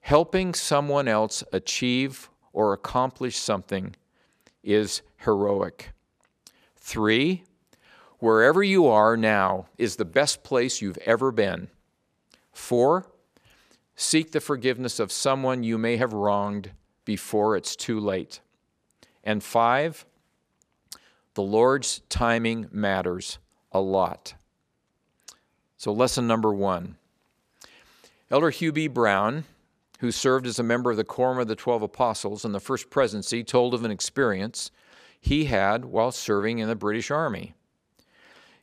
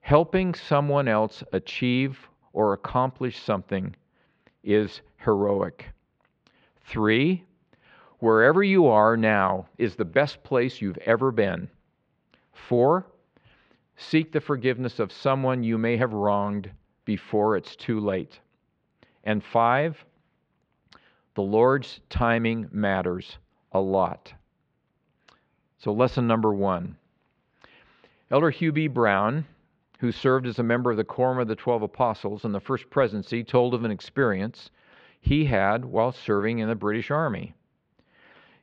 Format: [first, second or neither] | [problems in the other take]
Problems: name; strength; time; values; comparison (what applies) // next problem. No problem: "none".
first | muffled; very; fading above 3 kHz